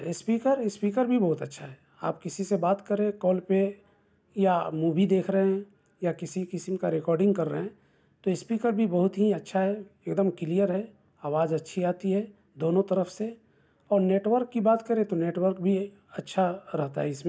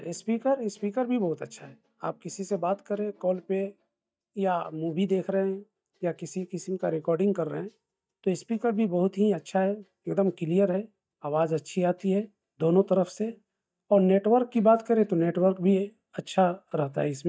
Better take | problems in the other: first | noise reduction (neural mask model DeepFilterNet 3)

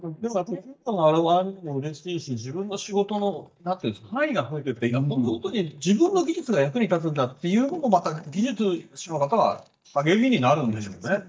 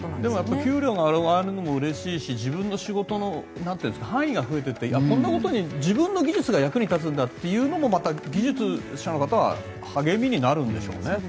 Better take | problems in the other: second | noise reduction (neural mask model DeepFilterNet 3)

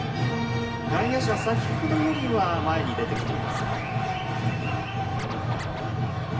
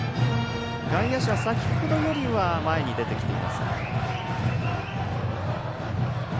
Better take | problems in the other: second | background sound (Scratching (performance technique)); 11 dB below the speech // room echo; dies away in 2.2 s

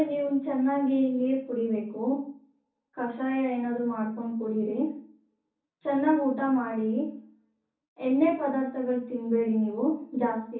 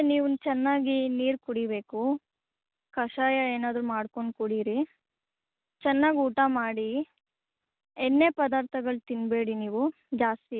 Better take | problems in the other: second | room echo; dies away in 0.6 s

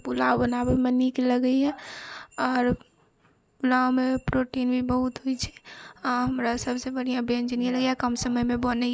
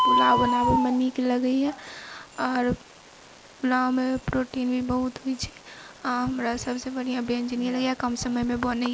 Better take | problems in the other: first | background sound (Bird); 5 dB below the speech

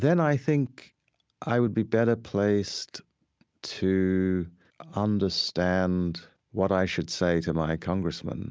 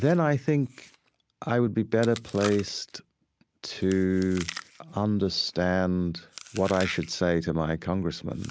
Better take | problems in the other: first | background sound (Chewing, mastication); 18 dB below the speech

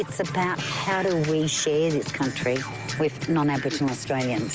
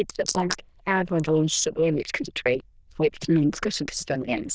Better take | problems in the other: first | noise reduction (neural diffusion model UNIVERSE++)

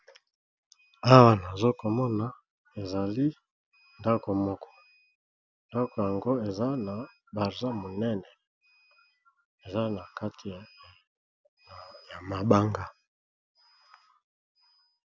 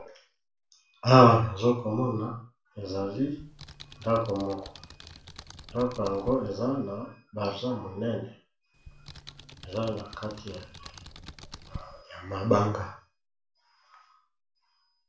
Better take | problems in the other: first | background sound (Computer keyboard); 17 dB below the speech // room echo; dies away in 0.3 s

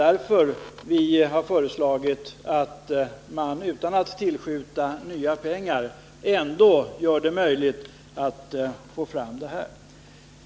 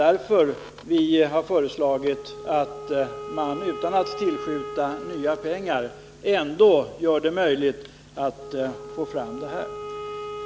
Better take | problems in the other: first | background sound (Wind instrument, woodwind instrument); 13 dB below the speech

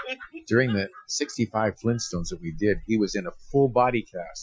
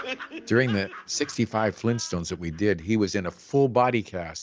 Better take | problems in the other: second | noise reduction (classical method Wiener filter)

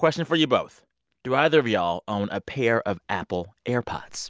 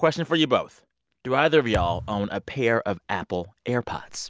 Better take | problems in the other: first | background sound (Thump, thud); 12 dB below the speech

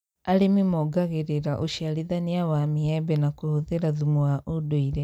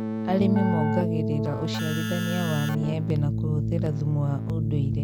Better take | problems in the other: first | background sound (Keyboard (musical)); 1 dB above the speech

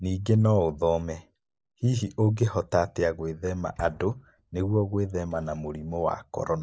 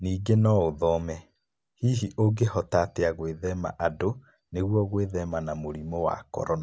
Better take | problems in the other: second | noise reduction (neural mask model Resemble Enhance denoiser)

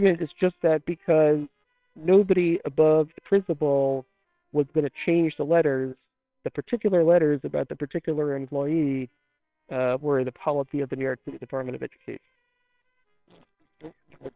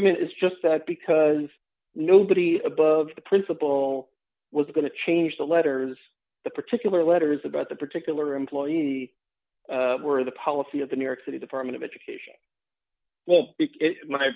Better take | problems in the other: second | noise reduction (neural separator model SepFormer WHAMR!)

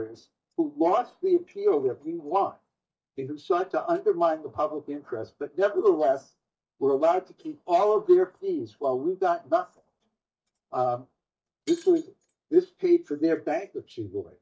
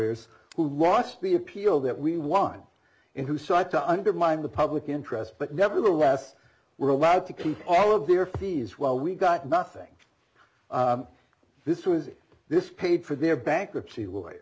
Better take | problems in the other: second | noise reduction (neural mask model DeepFilterNet 3)

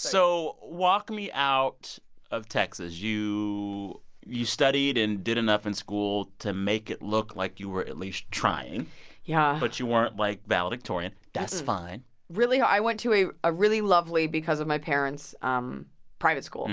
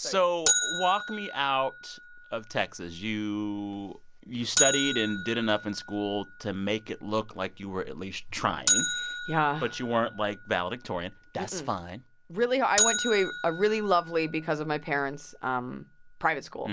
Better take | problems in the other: first | background sound (Bell); 5 dB below the speech

